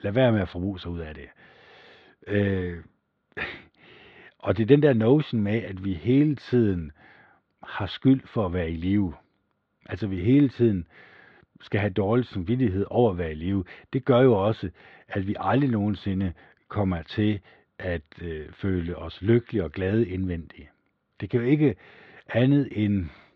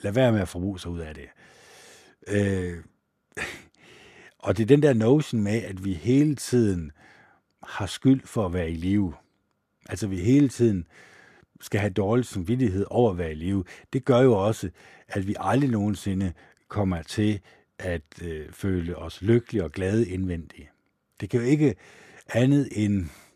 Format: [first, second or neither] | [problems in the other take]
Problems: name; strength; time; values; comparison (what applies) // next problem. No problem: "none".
second | muffled; slightly; fading above 4 kHz